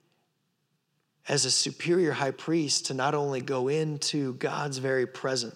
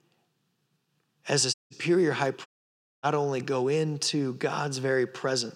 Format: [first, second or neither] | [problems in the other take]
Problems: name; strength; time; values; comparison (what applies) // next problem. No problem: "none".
first | audio cutting out; at 1.5 s and at 2.5 s for 0.5 s